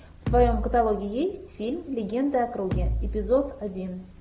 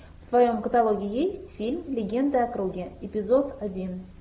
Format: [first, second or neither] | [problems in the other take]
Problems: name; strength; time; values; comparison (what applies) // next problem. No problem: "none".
second | background sound (Bass drum); 4 dB below the speech